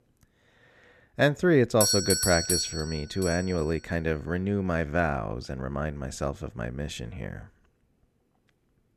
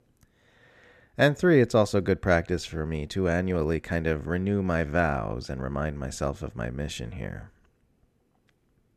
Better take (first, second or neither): second